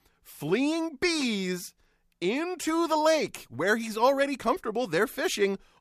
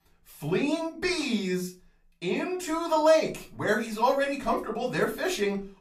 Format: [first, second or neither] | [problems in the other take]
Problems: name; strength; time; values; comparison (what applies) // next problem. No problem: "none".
first | off-mic speech; far // room echo; very slight; dies away in 0.3 s